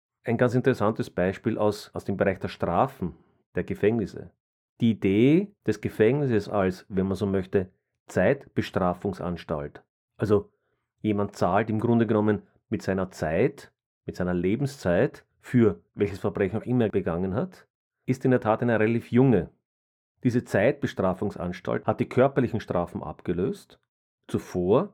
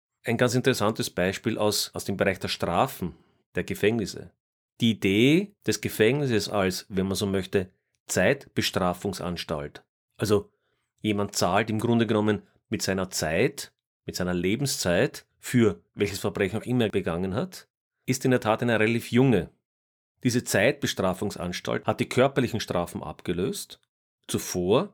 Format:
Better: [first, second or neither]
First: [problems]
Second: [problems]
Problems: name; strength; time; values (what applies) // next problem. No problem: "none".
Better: second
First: muffled; very; fading above 2.5 kHz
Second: none